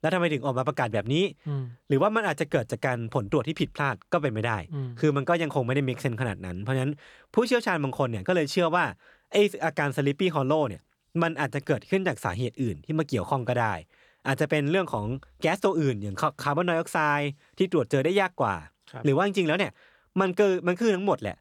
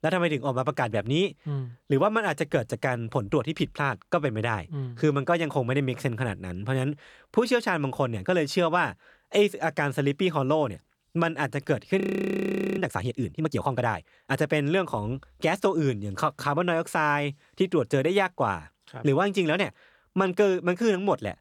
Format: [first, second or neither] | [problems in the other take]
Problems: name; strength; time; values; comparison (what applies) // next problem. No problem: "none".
first | audio freezing; at 12 s for 1 s